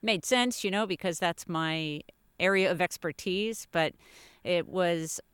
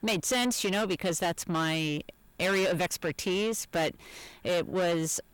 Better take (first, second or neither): first